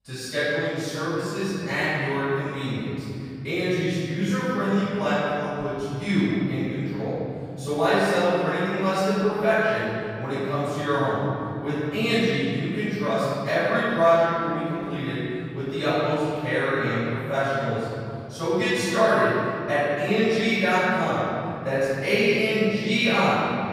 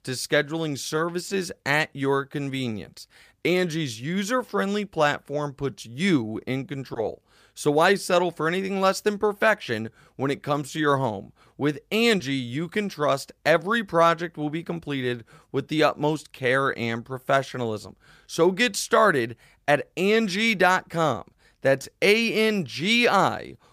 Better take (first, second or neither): second